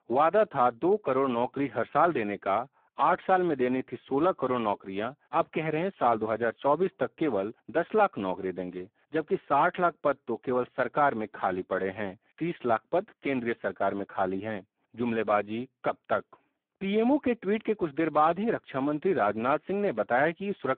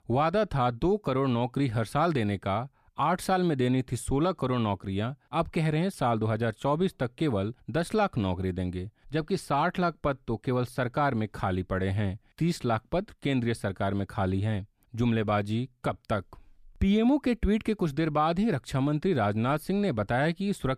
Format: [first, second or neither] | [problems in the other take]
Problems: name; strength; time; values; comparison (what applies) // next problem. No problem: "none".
second | phone-call audio; poor line; nothing above 3.5 kHz